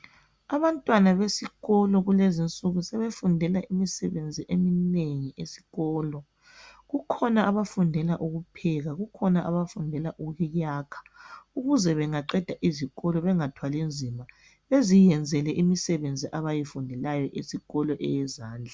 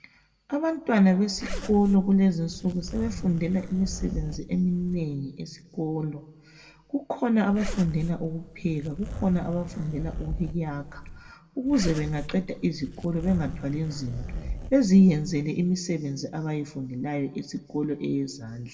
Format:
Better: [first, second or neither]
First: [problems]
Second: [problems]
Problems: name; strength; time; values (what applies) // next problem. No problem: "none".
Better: first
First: none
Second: background sound (Zipper (clothing)); 10 dB below the speech // room echo; dies away in 1.2 s